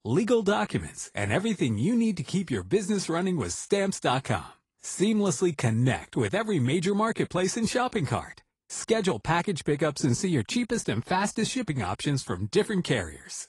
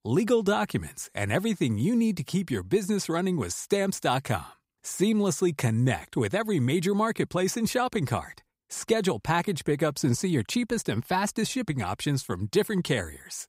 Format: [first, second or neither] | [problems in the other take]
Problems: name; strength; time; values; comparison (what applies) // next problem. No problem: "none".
second | garbled, watery; slightly; nothing above 10.5 kHz